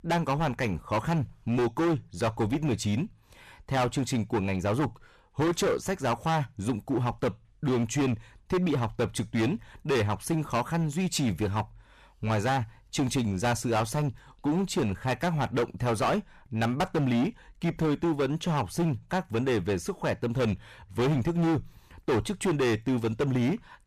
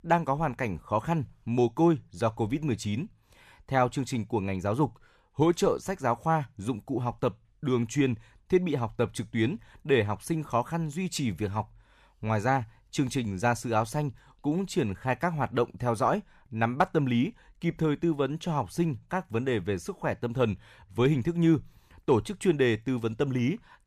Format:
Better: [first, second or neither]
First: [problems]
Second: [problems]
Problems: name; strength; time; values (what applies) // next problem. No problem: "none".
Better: second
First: distortion; heavy; 15% of the sound clipped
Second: none